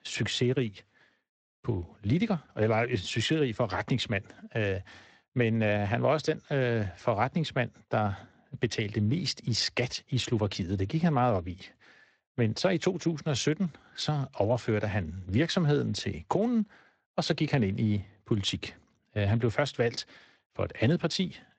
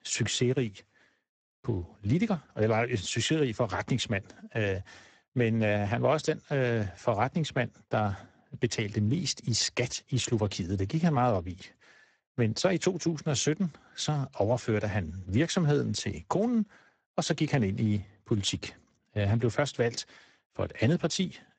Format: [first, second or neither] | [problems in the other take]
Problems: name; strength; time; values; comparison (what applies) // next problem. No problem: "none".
first | garbled, watery; badly; nothing above 8 kHz; slightly in the first